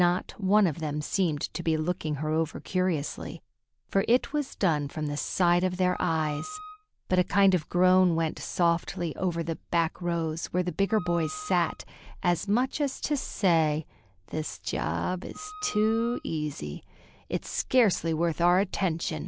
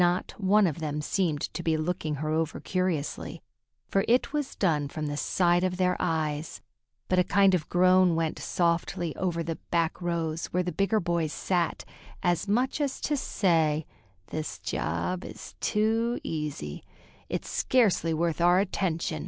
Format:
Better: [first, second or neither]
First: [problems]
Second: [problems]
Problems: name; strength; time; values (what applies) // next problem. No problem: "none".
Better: second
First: background sound (Wind instrument, woodwind instrument); 15 dB below the speech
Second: none